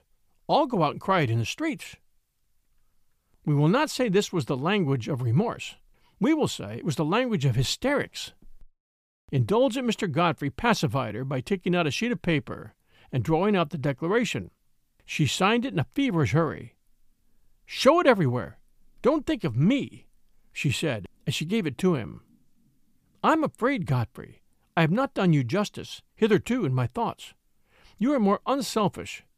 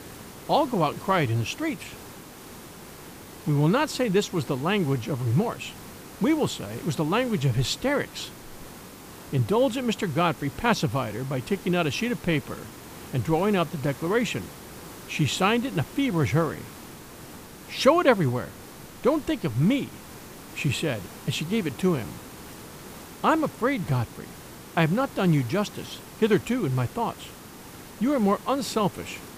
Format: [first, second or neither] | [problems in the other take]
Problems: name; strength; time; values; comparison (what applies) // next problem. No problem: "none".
first | hiss; noticeable; throughout; 15 dB below the speech